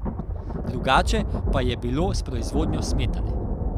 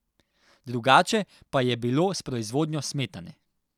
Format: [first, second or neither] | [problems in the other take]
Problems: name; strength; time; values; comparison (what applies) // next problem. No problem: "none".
second | background sound (Thunder); 3 dB above the speech